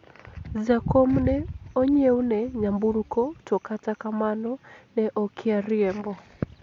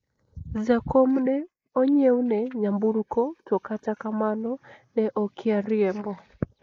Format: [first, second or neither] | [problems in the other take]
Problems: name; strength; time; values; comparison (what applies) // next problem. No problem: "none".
first | noise reduction (neural mask model Resemble Enhance denoiser)